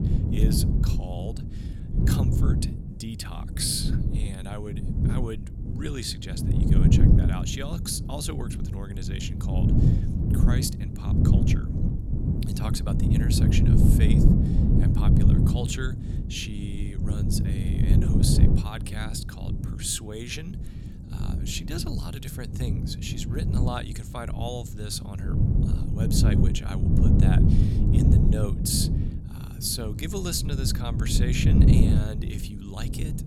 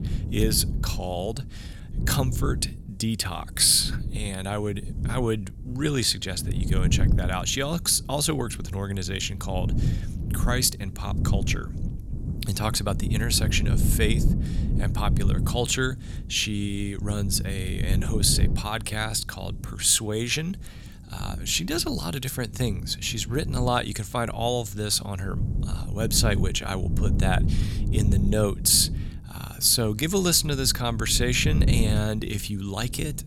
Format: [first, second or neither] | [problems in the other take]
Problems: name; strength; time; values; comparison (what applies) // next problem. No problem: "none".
second | wind noise on the microphone; heavy; as loud as the speech; occasional gusts in the second